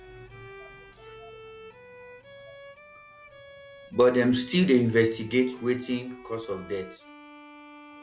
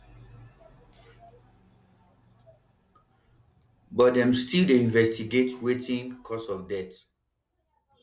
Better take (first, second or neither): second